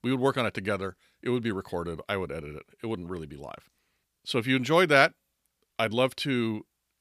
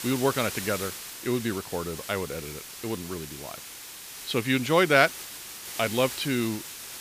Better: first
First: none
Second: hiss; noticeable; throughout; 10 dB below the speech

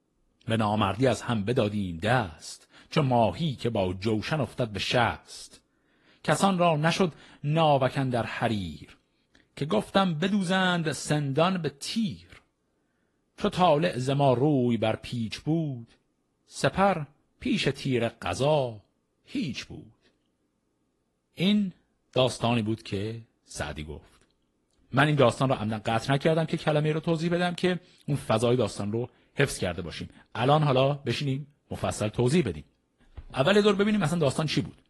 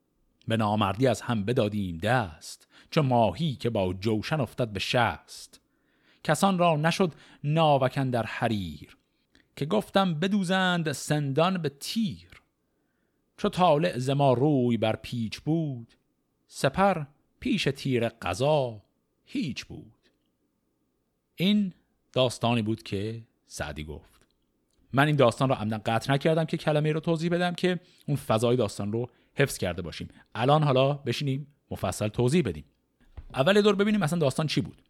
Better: second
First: garbled, watery; slightly; nothing above 11.5 kHz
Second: none

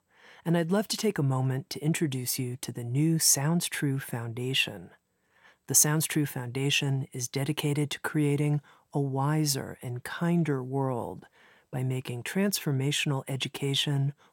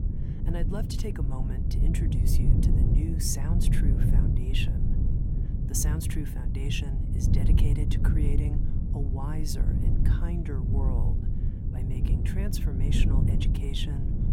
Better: first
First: none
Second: wind noise on the microphone; heavy; 1 dB below the speech

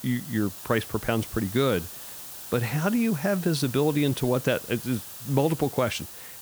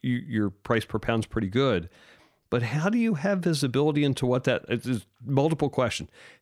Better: second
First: hiss; loud; throughout; 10 dB below the speech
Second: none

